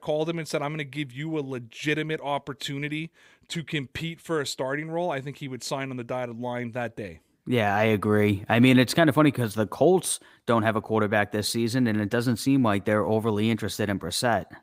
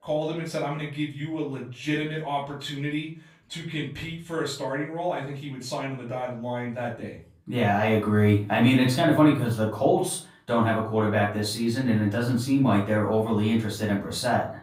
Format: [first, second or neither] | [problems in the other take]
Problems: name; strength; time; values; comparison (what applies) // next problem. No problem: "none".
first | off-mic speech; far // room echo; slight; dies away in 0.4 s